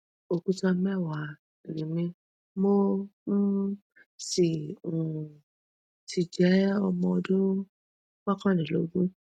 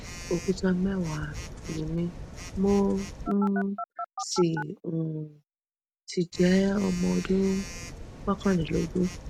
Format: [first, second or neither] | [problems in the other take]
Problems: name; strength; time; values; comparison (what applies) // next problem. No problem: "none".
first | background sound (Telephone); 11 dB below the speech